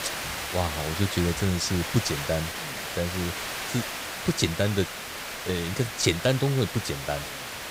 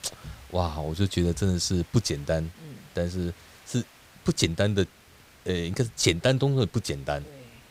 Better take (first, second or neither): second